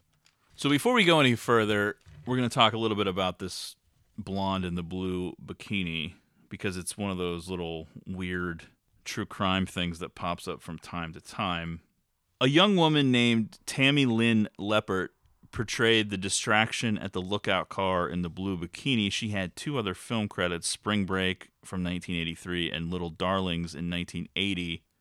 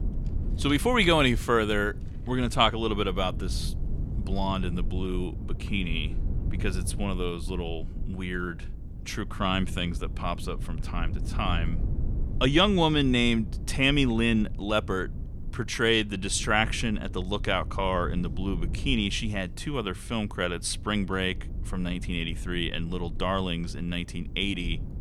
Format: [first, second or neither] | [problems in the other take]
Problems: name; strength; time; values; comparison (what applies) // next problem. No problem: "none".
first | low rumble; faint; throughout; 20 dB below the speech